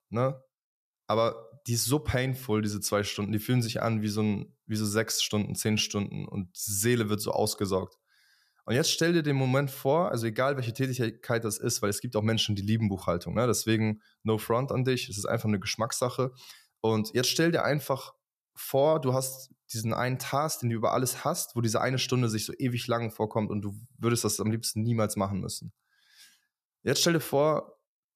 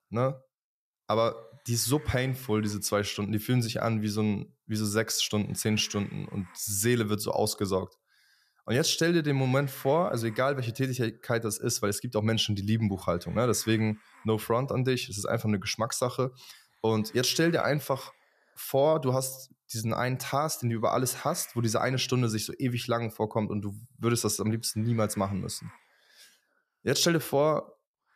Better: first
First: none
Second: hiss; faint; throughout; 25 dB below the speech

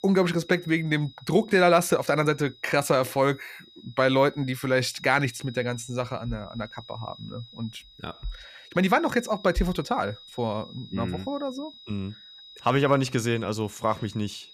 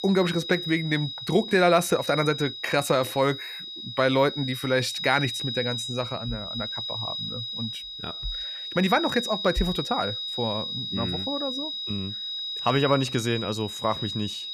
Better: first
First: high-pitched whine; faint; throughout; 4 kHz, 20 dB below the speech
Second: high-pitched whine; loud; throughout; 4 kHz, 5 dB below the speech

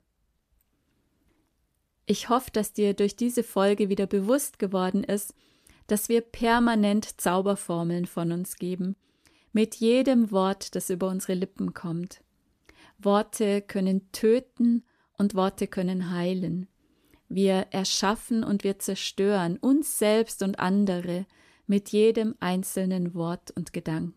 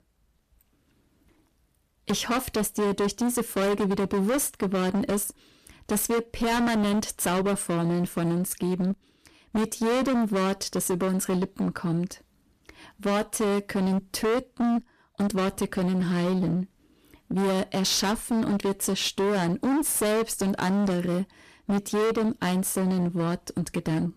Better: first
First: none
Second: distortion; heavy; 24% of the sound clipped

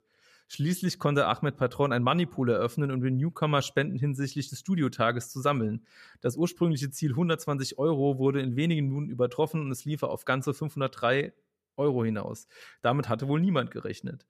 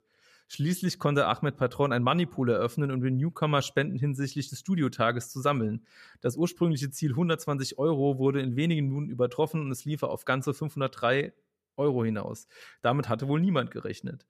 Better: neither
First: none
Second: none

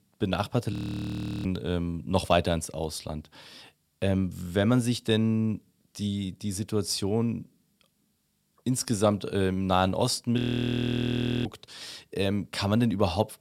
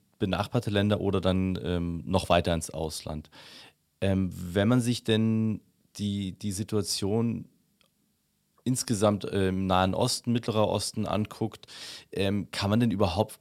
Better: second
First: audio freezing; at 0.5 s for 0.5 s and at 10 s for 1 s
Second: none

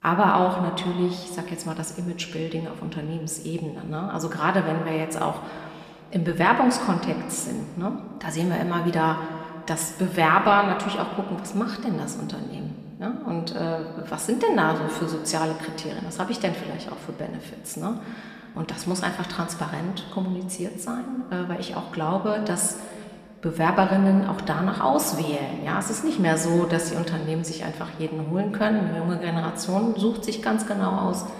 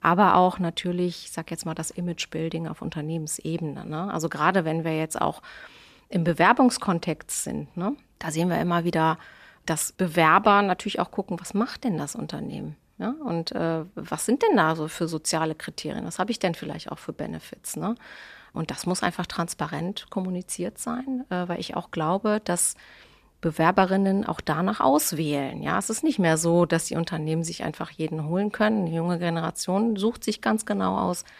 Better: second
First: room echo; slight; dies away in 1.6 s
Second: none

